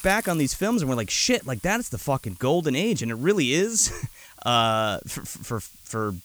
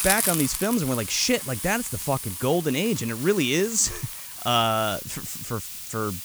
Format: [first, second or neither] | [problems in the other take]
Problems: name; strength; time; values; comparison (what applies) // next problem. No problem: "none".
first | hiss; loud; throughout; 6 dB below the speech; faint in the first